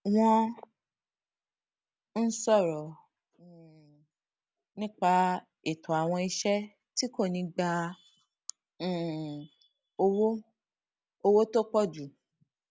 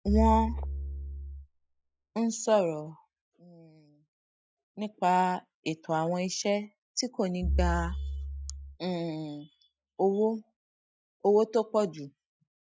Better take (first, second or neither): first